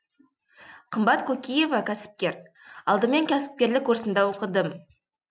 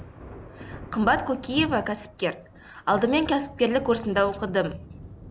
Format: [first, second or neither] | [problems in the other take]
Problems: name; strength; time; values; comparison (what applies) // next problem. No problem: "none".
first | background sound (Thunder); 15 dB below the speech